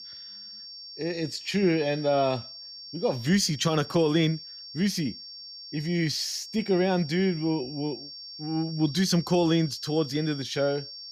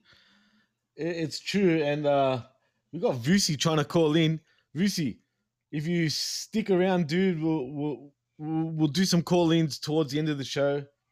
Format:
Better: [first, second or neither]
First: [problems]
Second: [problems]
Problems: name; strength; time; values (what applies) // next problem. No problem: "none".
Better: second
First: high-pitched whine; noticeable; throughout; 5.5 kHz, 15 dB below the speech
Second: none